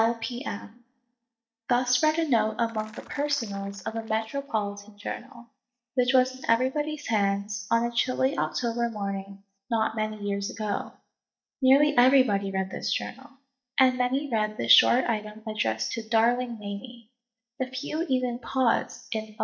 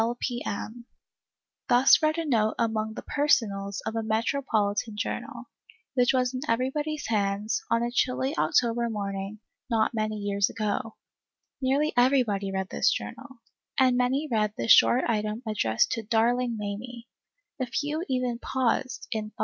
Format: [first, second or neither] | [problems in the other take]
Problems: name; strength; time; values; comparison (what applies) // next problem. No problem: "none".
second | noise reduction (neural mask model DeepFilterNet 3)